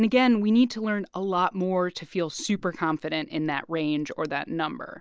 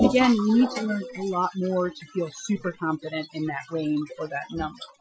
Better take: first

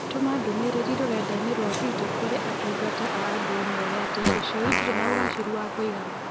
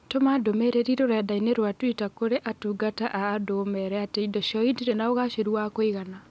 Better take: second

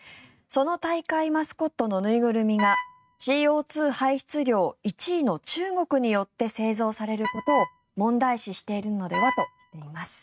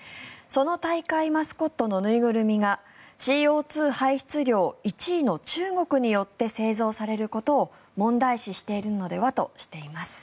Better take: second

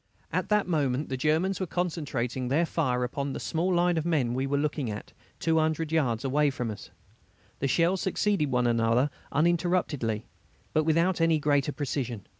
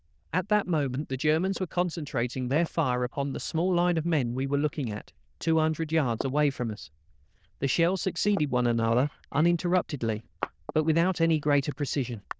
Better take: first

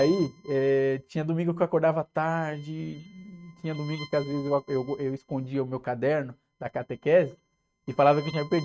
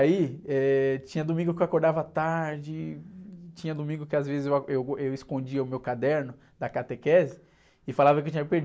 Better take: second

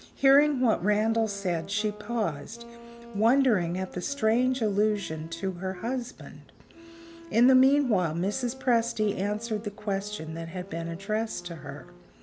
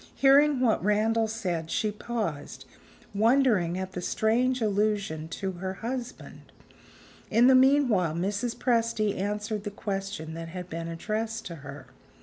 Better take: second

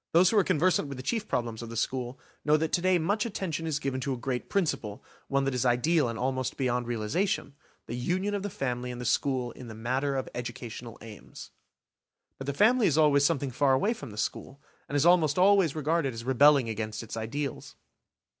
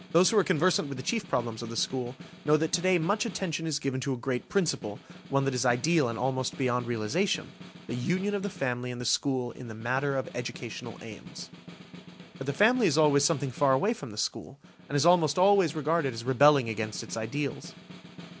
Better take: first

